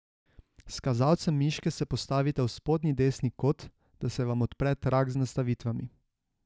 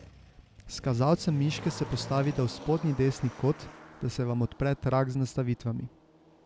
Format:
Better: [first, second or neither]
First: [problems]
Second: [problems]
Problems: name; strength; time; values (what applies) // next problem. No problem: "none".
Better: first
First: none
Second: background sound (Motor vehicle (road)); 16 dB below the speech